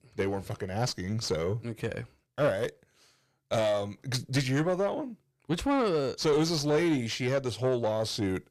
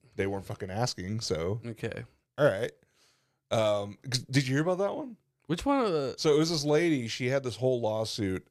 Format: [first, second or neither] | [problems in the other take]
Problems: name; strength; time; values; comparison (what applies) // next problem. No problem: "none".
second | distortion; slight; 10 dB below the speech